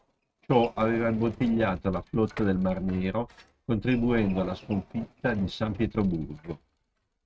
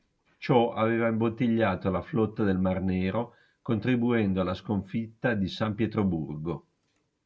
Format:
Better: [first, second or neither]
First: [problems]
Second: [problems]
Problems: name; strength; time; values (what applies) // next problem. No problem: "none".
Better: second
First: noise reduction (neural mask model RNNoise)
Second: none